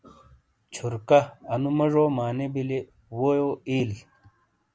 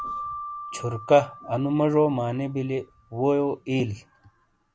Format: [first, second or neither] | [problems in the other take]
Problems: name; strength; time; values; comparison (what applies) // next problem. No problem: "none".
first | background sound (Keyboard (musical)); 15 dB below the speech